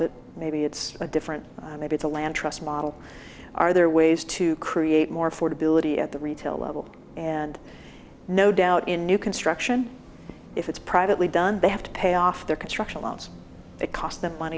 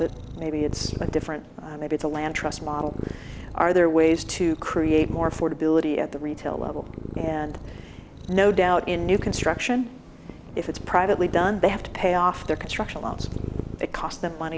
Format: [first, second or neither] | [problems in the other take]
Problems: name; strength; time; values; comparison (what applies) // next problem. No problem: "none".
first | background sound (Purr); 10 dB below the speech